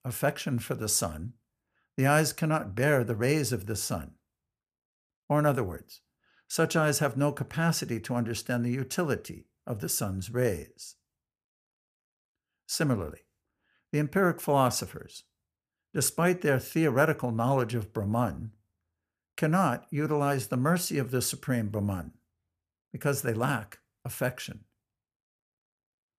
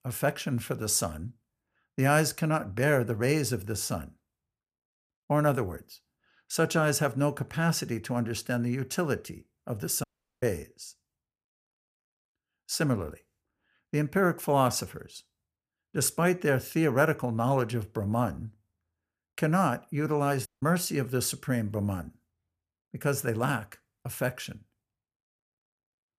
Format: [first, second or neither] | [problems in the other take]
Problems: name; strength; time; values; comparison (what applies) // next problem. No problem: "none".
first | audio cutting out; at 10 s and at 20 s